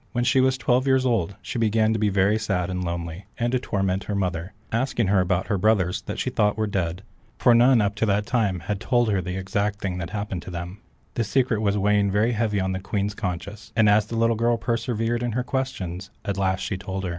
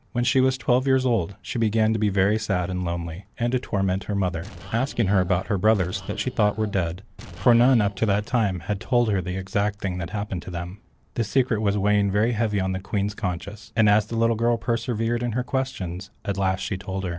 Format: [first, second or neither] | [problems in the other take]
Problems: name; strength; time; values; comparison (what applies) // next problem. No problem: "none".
first | noise reduction (neural separator model SepFormer DNS4)